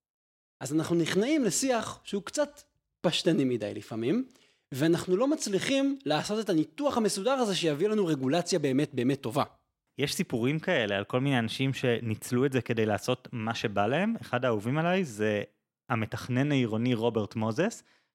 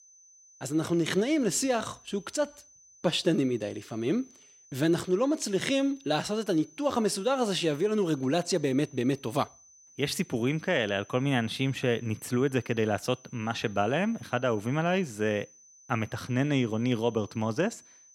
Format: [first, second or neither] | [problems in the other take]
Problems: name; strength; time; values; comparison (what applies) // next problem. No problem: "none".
first | high-pitched whine; faint; throughout; 6 kHz, 25 dB below the speech